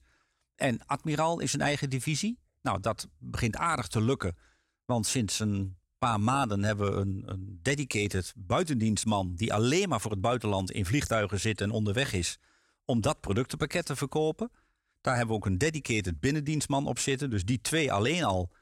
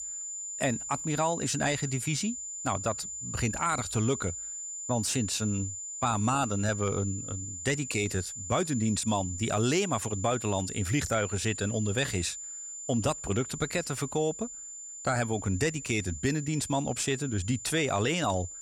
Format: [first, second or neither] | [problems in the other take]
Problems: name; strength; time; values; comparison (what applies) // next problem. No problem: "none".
first | high-pitched whine; loud; throughout; 7 kHz, 7 dB below the speech